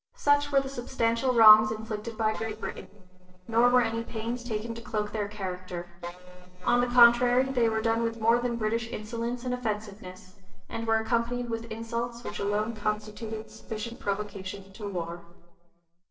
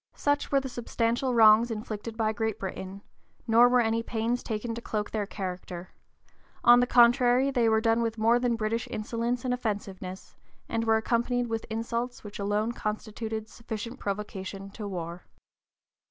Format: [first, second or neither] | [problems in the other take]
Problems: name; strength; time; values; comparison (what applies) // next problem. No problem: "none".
second | noise reduction (neural separator model SepFormer DNS4)